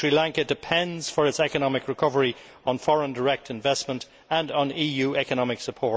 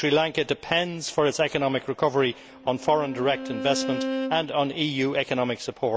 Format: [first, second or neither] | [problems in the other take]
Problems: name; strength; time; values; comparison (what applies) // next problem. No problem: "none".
first | background sound (Bowed string instrument); 9 dB below the speech